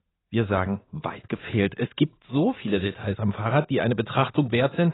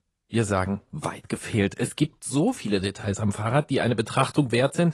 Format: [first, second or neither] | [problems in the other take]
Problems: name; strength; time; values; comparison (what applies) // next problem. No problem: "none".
second | garbled, watery; badly; nothing above 4 kHz; slightly in the second